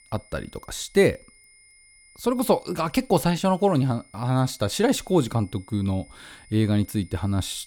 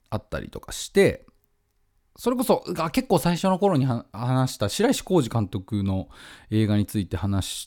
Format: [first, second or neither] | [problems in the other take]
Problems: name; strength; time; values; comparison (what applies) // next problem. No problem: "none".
second | high-pitched whine; faint; throughout; 2 kHz, 25 dB below the speech